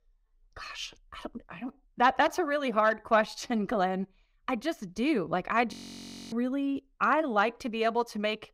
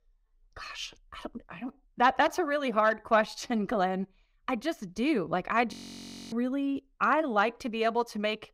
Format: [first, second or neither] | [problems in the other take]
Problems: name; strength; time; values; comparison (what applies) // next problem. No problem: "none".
neither | audio freezing; at 5.5 s for 0.5 s; the same in both